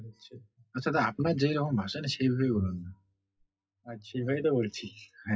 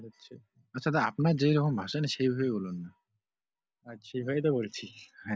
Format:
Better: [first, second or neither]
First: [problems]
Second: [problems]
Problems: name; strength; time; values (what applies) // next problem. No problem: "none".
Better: second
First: noise reduction (classical method WPE with log-MMSE)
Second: none